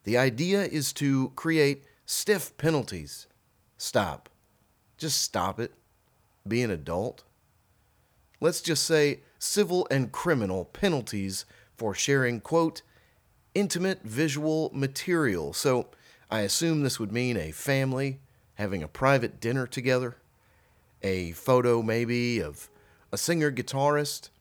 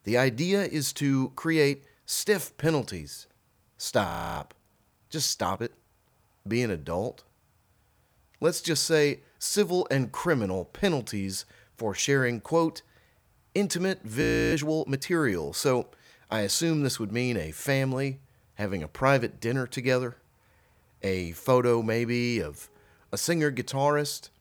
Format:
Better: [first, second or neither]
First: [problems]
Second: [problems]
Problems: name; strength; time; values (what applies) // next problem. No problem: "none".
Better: first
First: none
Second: audio freezing; at 4 s and at 14 s